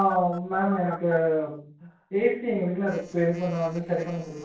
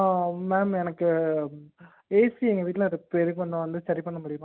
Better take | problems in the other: second | noise reduction (neural separator model SepFormer DNS4)

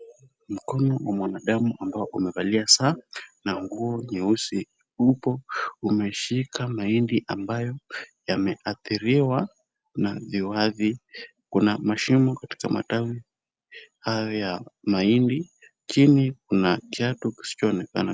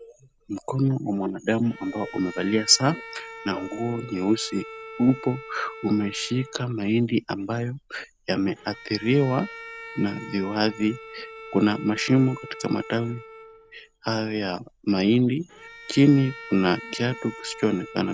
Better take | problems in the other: first | background sound (Bowed string instrument); 17 dB below the speech

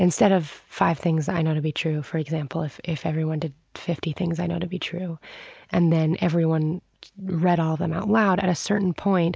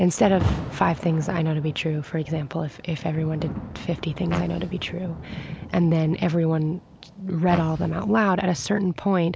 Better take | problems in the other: first | background sound (Rain + Fart); 10 dB below the speech

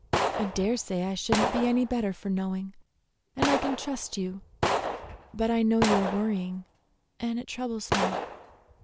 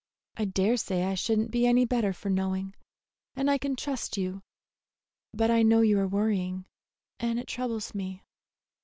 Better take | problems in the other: second | background sound (Gunshot, gunfire); 3 dB below the speech

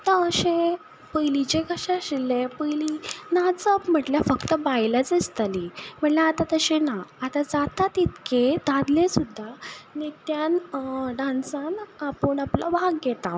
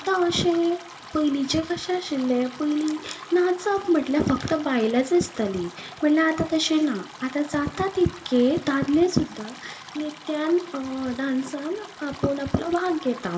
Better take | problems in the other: first | background sound (Stream); 19 dB below the speech // room echo; dies away in 0.7 s

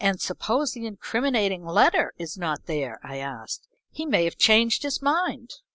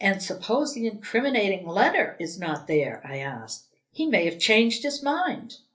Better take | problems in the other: first | room echo; dies away in 0.3 s

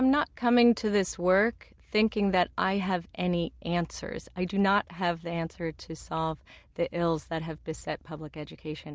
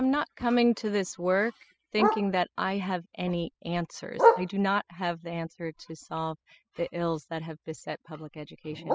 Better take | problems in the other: first | noise reduction (classical method spectral subtraction)

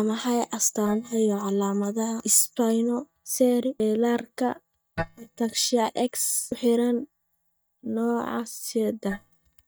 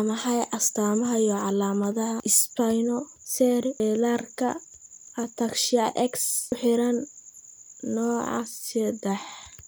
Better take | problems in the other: second | noise reduction (neural mask model DeepFilterNet 3)

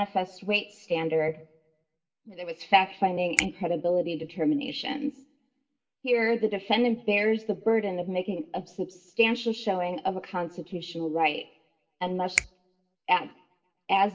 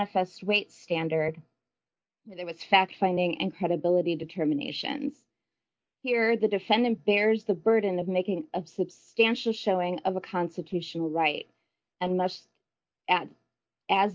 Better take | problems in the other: second | background sound (Finger snapping); 8 dB below the speech // room echo; dies away in 0.6 s

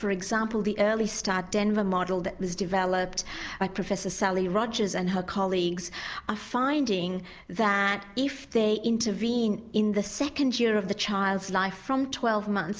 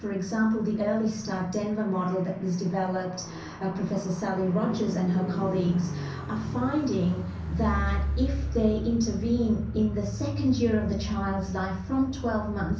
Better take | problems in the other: first | background sound (Car); 6 dB below the speech // room echo; dies away in 0.6 s

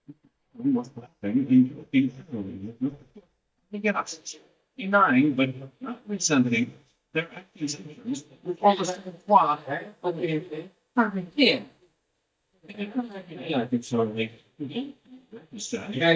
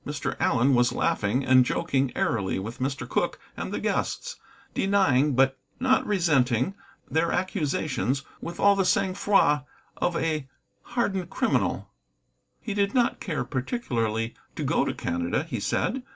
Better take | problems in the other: second | noise reduction (neural mask model DeepFilterNet 3)

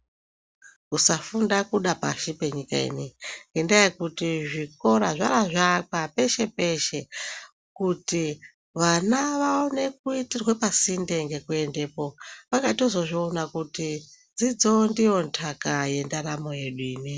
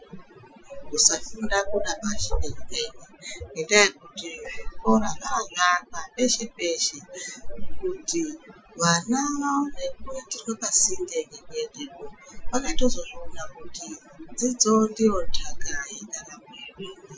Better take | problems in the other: first | noise reduction (classical method Wiener filter)

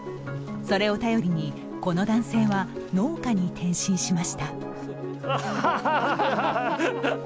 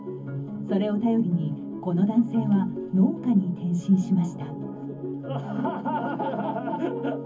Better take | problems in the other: first | room echo; dies away in 0.3 s

